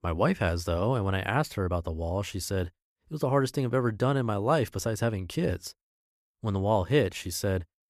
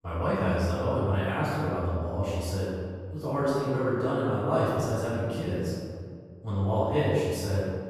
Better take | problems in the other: first | off-mic speech; far // room echo; strong; dies away in 1.9 s

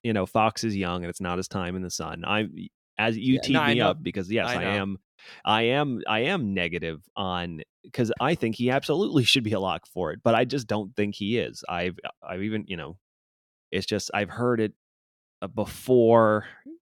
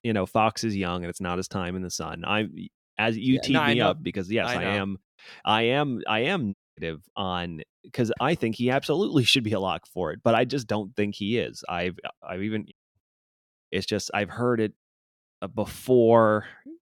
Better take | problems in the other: first | audio cutting out; at 6.5 s and at 13 s

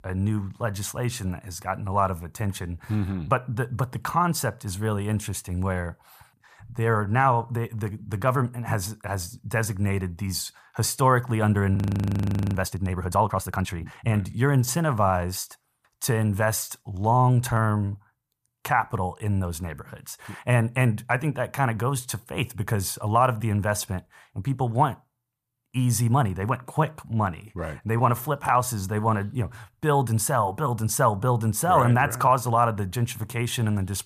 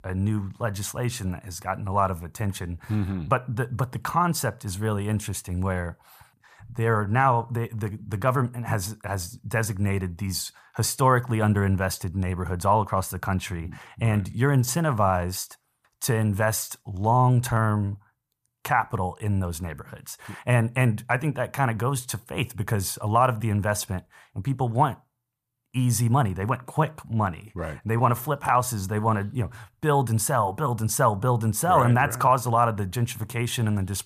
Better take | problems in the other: second | audio freezing; at 12 s for 1 s

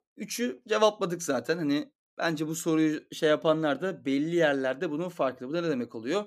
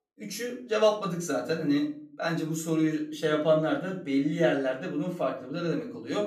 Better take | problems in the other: first | off-mic speech; far // room echo; slight; dies away in 0.4 s

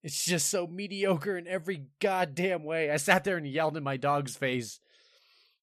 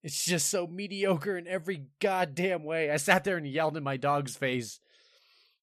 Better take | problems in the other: neither | none

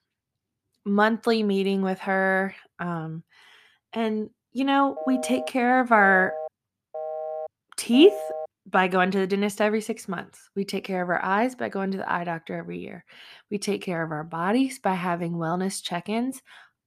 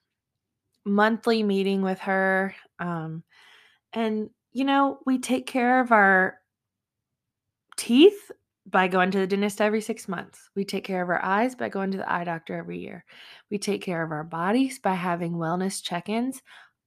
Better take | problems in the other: second | phone ringing; noticeable; from 5 to 8.5 s; peak 8 dB below the speech

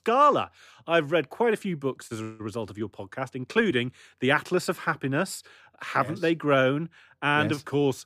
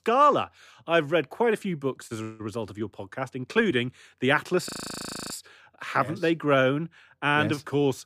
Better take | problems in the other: first | audio freezing; at 4.5 s for 0.5 s

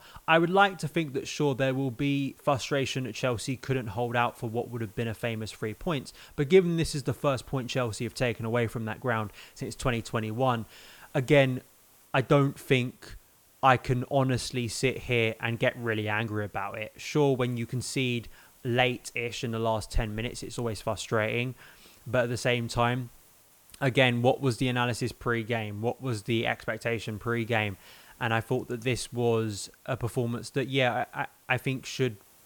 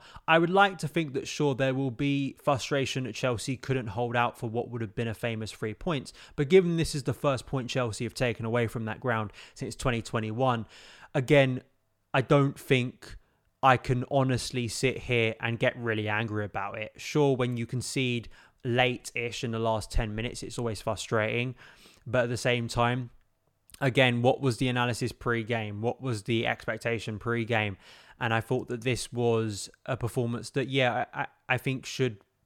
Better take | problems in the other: second | hiss; faint; throughout; 30 dB below the speech

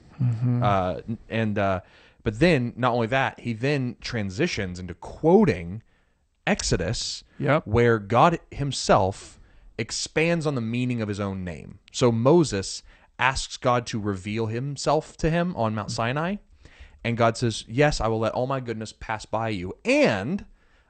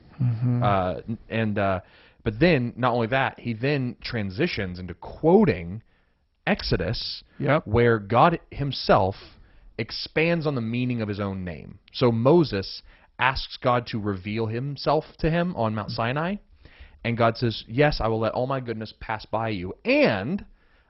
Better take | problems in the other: first | garbled, watery; badly; nothing above 5.5 kHz; slightly in the first

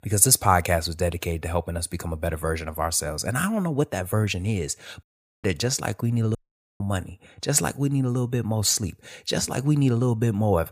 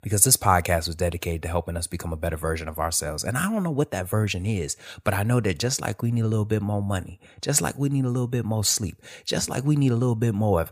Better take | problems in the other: second | audio cutting out; at 5 s and at 6.5 s

